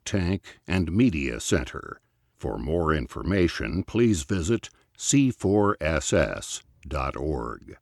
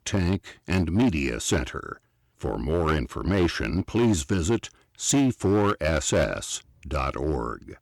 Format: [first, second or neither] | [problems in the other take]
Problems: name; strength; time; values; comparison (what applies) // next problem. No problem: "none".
first | distortion; slight; 7% of the sound clipped